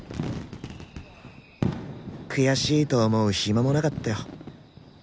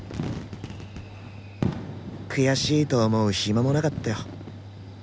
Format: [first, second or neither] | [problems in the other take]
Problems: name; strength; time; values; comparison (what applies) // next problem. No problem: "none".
first | background sound (Mechanical fan); 15 dB below the speech